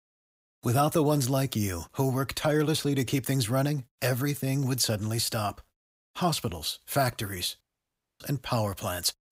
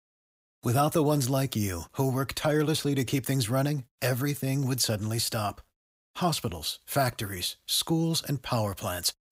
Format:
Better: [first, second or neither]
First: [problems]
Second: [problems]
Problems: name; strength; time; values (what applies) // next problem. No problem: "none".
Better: second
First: audio cutting out; at 7.5 s for 0.5 s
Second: none